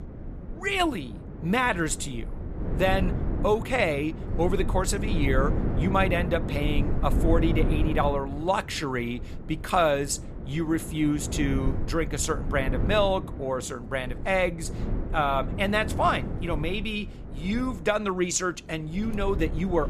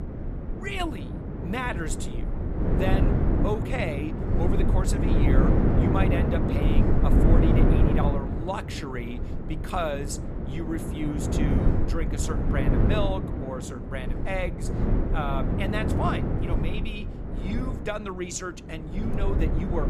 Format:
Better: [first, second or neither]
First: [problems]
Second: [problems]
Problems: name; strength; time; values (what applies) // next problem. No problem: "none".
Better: first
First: wind noise on the microphone; occasional gusts; 15 dB below the speech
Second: wind noise on the microphone; heavy; as loud as the speech